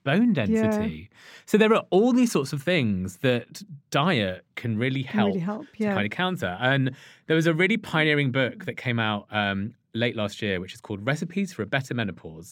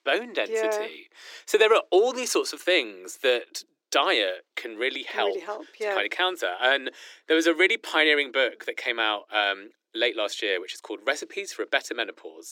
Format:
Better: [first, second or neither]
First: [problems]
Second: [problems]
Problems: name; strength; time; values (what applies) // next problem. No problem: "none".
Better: first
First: none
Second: thin; very; fading below 350 Hz